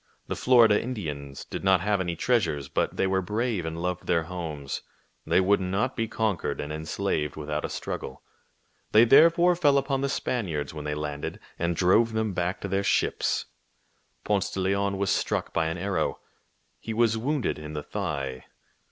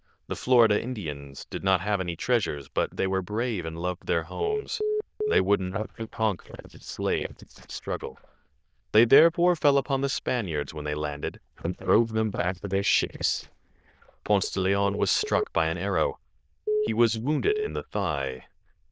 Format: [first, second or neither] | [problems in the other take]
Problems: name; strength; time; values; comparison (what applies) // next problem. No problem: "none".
first | noise reduction (neural diffusion model UNIVERSE++)